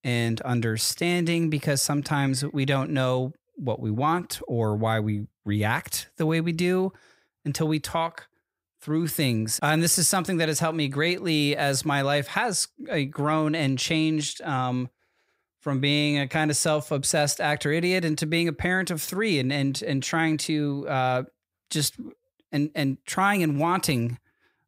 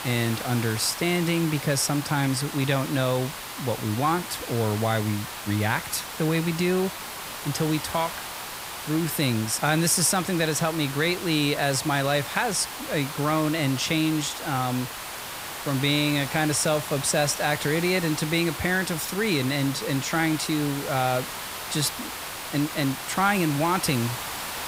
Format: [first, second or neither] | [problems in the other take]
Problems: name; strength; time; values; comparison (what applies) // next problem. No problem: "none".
first | hiss; loud; throughout; 8 dB below the speech